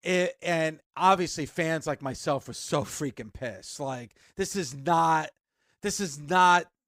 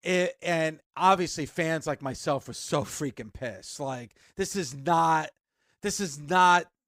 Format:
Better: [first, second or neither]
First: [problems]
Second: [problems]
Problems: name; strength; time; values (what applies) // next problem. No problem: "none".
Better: neither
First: none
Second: none